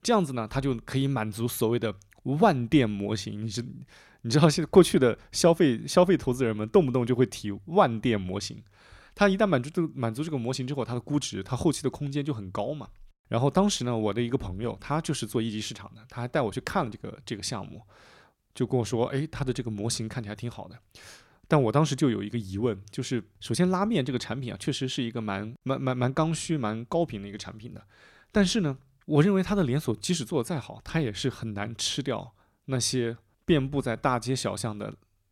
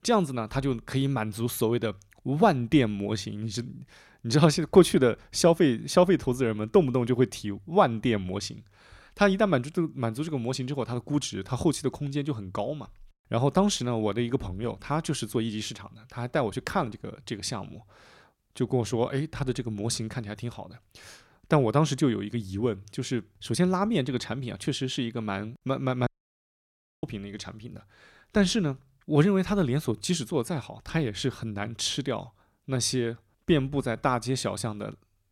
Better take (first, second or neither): first